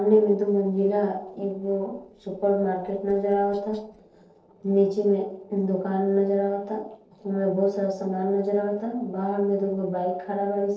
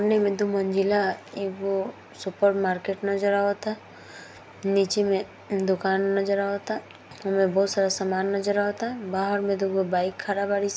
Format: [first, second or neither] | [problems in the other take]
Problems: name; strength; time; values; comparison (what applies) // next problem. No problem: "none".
second | noise reduction (neural separator model SepFormer DNS4)